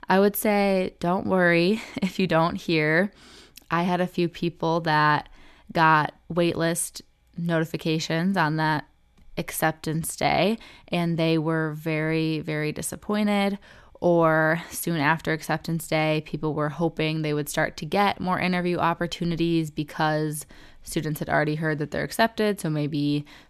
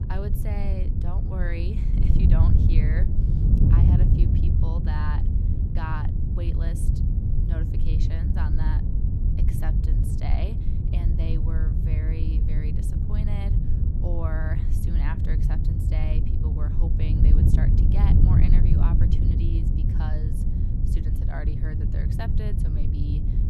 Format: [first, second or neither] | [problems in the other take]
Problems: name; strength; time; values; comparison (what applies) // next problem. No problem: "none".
first | wind noise on the microphone; heavy; 2 dB above the speech